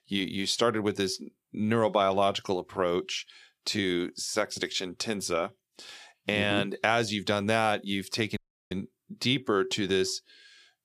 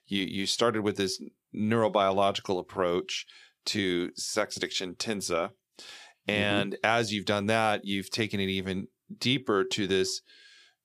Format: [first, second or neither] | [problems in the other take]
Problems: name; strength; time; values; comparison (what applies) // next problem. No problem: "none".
second | audio cutting out; at 8.5 s